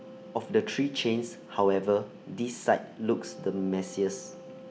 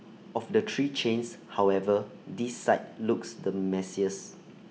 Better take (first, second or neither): second